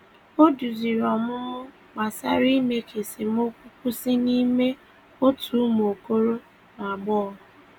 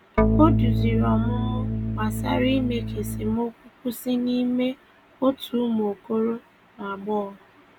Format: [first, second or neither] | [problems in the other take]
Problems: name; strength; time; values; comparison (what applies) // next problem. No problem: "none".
first | background sound (Organ); 3 dB above the speech